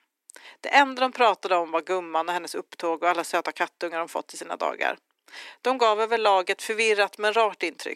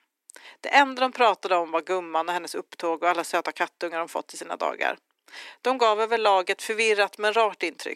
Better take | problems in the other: neither | thin; somewhat; fading below 300 Hz; the same in both

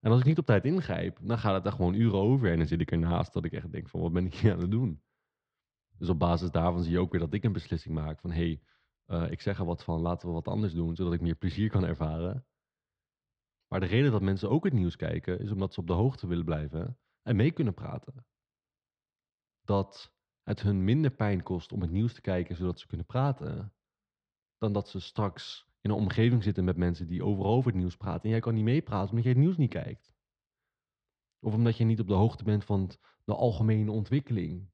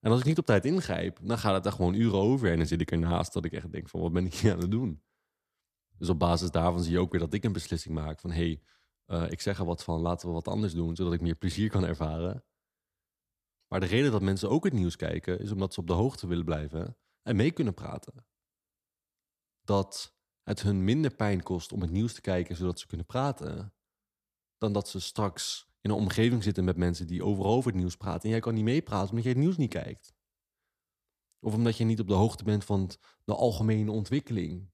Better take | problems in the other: second | muffled; slightly; fading above 3.5 kHz

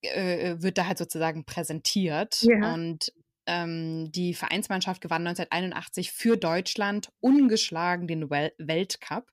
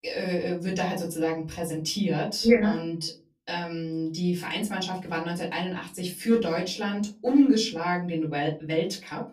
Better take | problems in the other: first | off-mic speech; far // room echo; very slight; dies away in 0.3 s

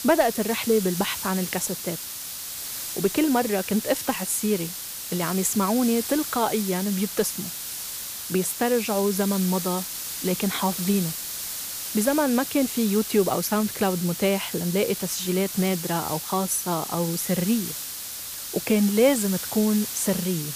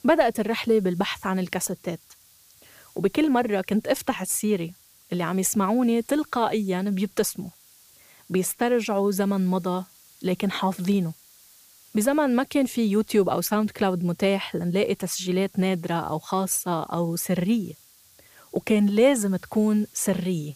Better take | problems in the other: second | hiss; loud; throughout; 6 dB below the speech; faint in the second

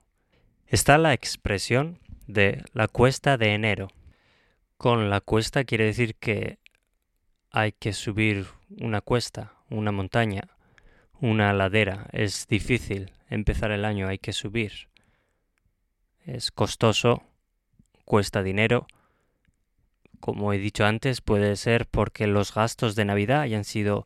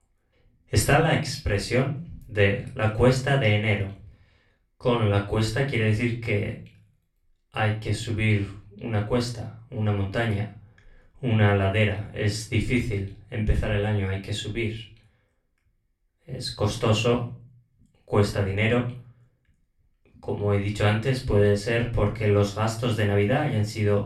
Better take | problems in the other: first | off-mic speech; far // room echo; slight; dies away in 0.3 s

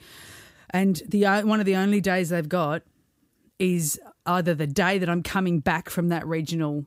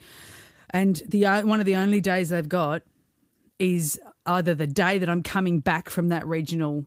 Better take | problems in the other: first | garbled, watery; slightly; nothing above 15.5 kHz

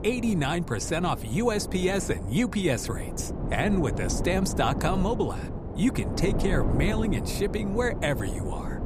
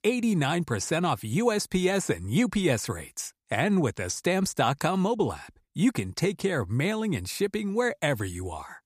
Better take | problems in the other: second | wind noise on the microphone; heavy; 8 dB below the speech

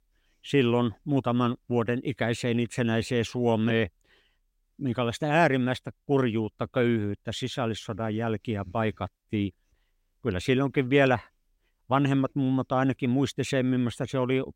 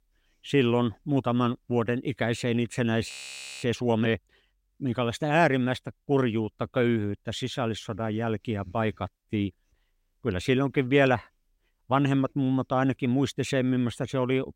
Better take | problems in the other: first | audio freezing; at 3 s for 0.5 s

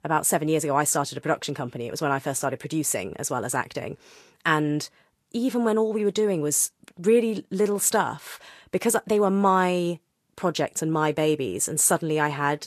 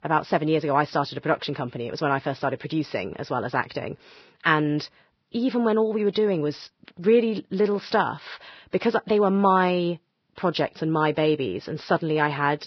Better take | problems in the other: first | garbled, watery; badly; nothing above 5.5 kHz; slightly in the first

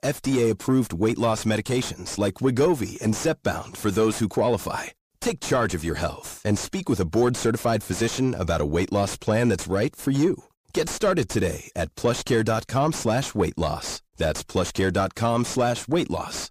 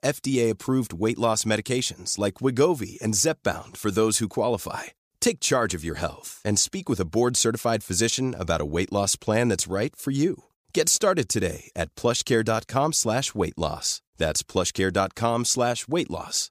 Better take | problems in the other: second | distortion; heavy; 6 dB below the speech

